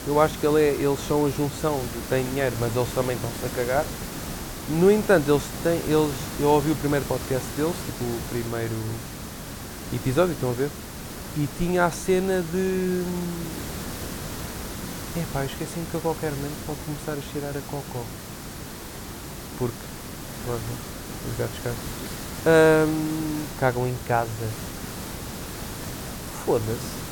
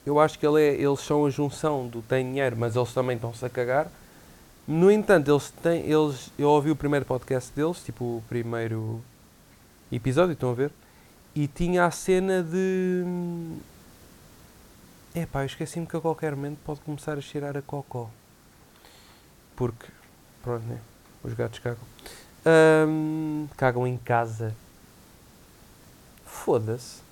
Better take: second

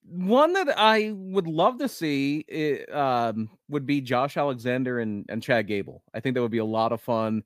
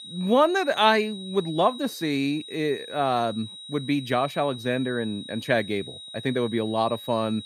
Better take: first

